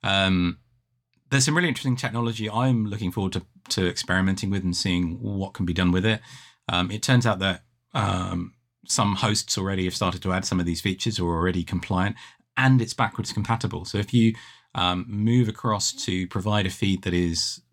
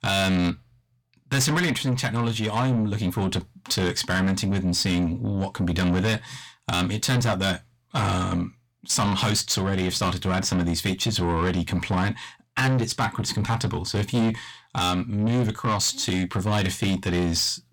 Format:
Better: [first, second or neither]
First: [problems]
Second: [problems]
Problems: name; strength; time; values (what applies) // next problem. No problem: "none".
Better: first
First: none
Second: distortion; heavy; 7 dB below the speech